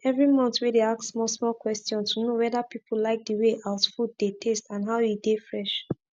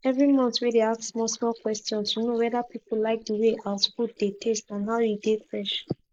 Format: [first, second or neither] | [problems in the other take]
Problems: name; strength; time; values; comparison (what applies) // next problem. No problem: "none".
first | noise reduction (neural mask model Resemble Enhance denoiser)